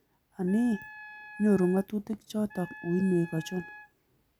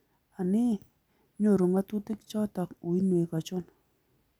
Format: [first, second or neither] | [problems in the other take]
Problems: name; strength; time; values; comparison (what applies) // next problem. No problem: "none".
second | background sound (Wind instrument, woodwind instrument); 17 dB below the speech